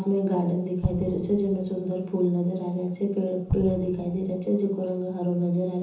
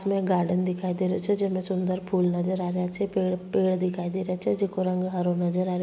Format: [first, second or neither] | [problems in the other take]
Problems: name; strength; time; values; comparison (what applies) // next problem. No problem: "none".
second | background sound (Explosion); 8 dB below the speech // room echo; dies away in 0.6 s